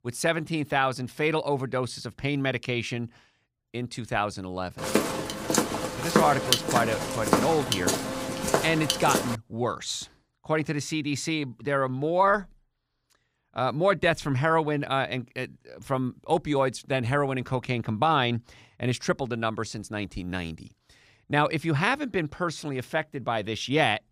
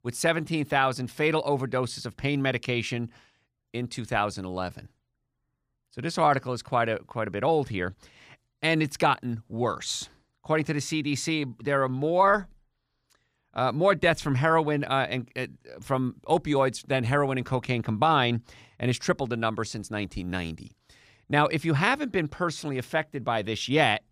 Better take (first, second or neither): second